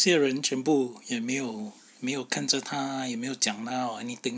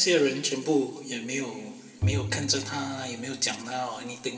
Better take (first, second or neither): first